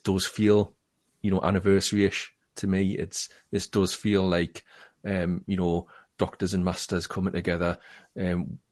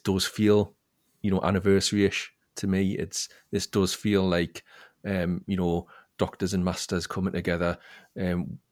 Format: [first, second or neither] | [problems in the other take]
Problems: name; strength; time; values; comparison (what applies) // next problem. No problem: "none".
second | garbled, watery; slightly